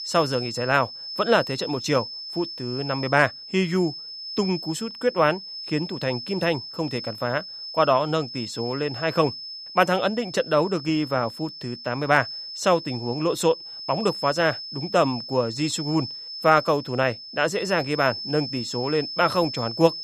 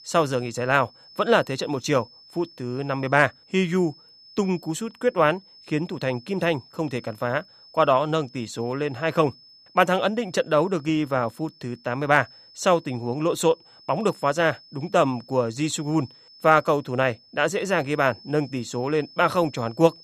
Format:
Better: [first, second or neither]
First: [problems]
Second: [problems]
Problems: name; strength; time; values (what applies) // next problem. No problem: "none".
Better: second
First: high-pitched whine; loud; throughout; 5 kHz, 9 dB below the speech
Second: high-pitched whine; faint; throughout; 5 kHz, 25 dB below the speech